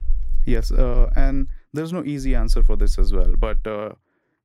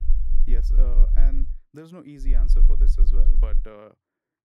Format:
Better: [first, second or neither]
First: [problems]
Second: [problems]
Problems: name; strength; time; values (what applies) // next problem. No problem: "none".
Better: first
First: low rumble; faint; until 1.5 s and from 2.5 to 3.5 s; 25 dB below the speech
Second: low rumble; loud; until 1.5 s and from 2.5 to 3.5 s; 6 dB below the speech